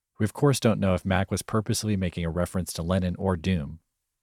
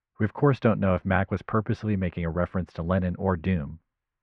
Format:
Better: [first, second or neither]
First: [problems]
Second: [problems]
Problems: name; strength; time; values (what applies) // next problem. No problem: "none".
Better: first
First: none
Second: muffled; very; fading above 2.5 kHz